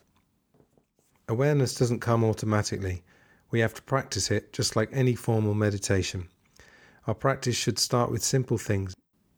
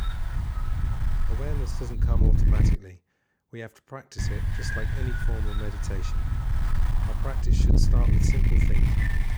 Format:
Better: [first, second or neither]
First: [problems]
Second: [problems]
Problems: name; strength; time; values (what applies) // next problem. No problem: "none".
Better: first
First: none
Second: wind noise on the microphone; heavy; until 3 s and from 4 s on; 3 dB above the speech